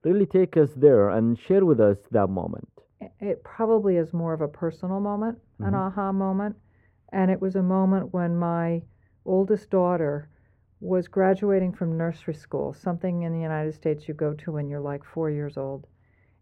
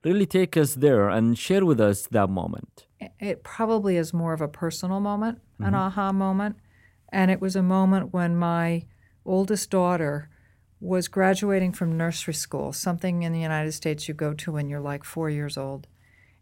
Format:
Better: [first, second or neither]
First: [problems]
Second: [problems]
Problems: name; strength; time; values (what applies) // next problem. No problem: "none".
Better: second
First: muffled; very; fading above 3 kHz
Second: none